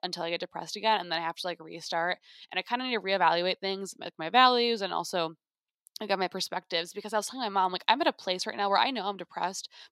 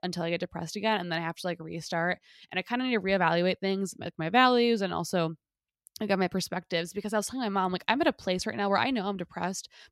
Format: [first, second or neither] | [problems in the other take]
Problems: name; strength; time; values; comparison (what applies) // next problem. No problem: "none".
second | thin; somewhat; fading below 300 Hz